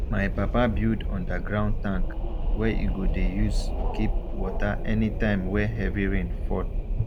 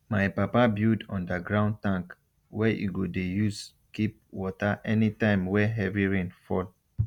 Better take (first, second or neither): second